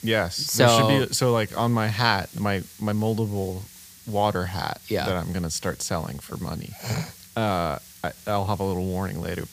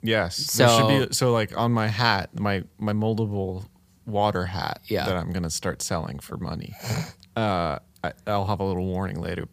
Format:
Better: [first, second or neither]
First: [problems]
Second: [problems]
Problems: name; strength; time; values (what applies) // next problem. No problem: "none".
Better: second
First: hiss; noticeable; throughout; 20 dB below the speech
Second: none